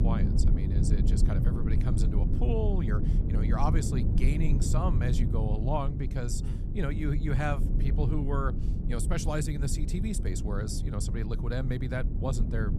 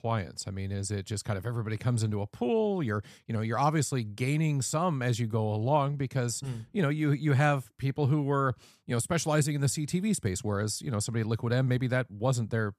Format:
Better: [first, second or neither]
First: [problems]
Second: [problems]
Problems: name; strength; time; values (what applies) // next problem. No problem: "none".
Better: second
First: low rumble; loud; throughout; 5 dB below the speech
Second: none